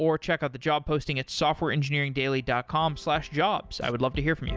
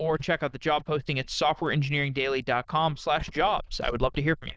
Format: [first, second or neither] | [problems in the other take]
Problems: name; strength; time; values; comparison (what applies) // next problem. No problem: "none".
first | noise reduction (neural diffusion model UNIVERSE++)